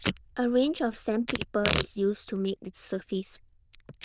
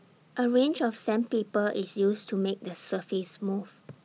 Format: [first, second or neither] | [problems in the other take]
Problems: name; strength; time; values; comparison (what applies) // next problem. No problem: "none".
second | noise reduction (neural diffusion model UNIVERSE++)